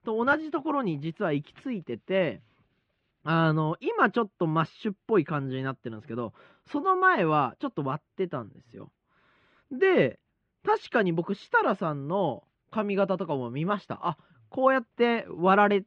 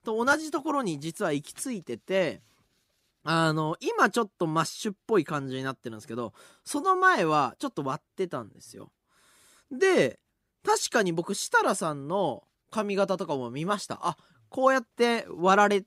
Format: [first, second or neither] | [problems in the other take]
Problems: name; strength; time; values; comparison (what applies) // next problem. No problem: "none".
second | muffled; very; fading above 3 kHz